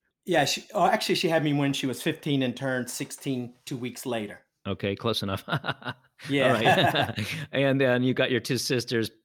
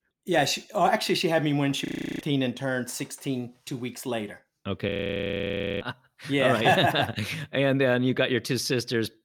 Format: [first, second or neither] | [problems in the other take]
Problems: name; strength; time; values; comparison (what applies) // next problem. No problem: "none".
first | audio freezing; at 2 s and at 5 s for 1 s